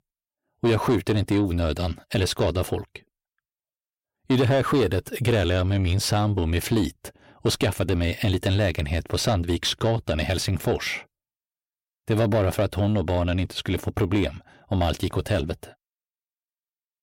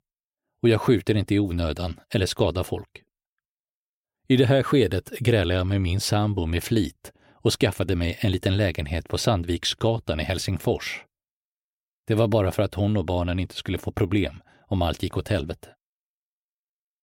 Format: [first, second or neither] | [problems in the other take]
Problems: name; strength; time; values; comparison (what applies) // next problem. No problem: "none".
second | distortion; slight; 10 dB below the speech